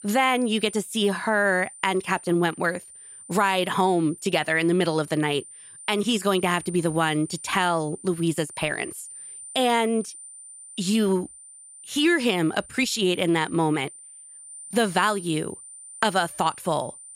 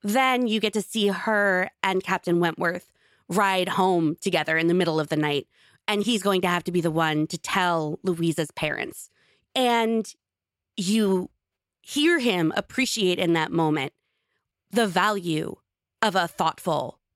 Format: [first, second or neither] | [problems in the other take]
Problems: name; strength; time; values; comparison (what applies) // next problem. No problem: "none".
second | high-pitched whine; noticeable; throughout; 9 kHz, 15 dB below the speech